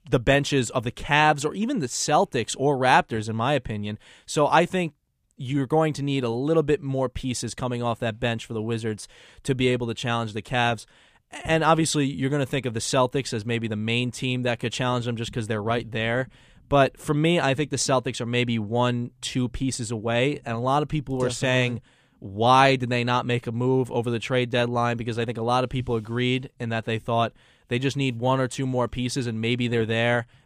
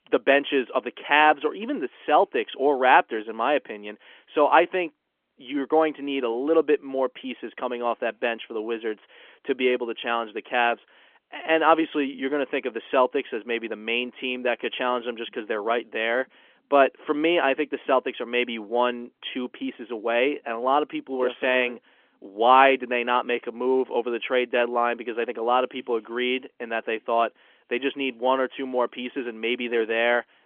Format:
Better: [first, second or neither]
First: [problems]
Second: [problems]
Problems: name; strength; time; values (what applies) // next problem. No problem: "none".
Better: first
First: none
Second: phone-call audio; nothing above 3.5 kHz